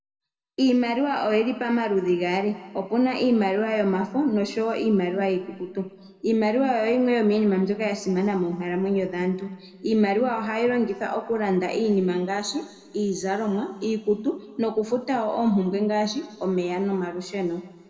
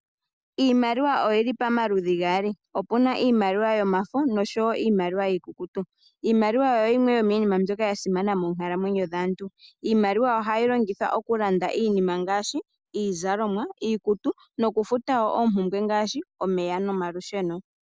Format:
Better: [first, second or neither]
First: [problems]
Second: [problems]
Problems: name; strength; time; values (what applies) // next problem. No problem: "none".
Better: second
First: room echo; dies away in 1.7 s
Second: none